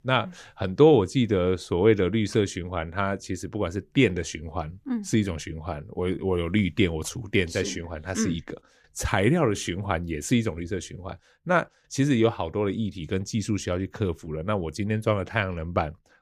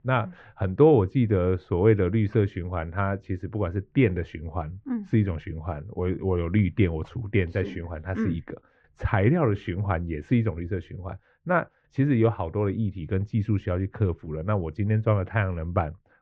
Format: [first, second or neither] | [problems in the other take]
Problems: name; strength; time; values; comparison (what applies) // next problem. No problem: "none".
first | muffled; very; fading above 2 kHz